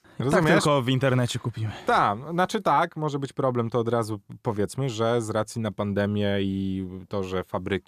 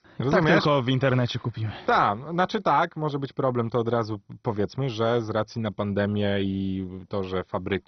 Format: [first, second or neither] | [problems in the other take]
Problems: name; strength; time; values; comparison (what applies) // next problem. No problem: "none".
first | garbled, watery; badly; nothing above 6 kHz